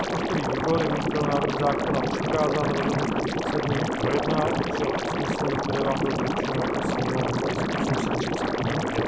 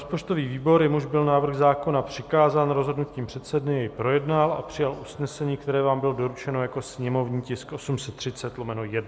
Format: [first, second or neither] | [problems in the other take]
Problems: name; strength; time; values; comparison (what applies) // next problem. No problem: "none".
second | background sound (Liquid); 4 dB above the speech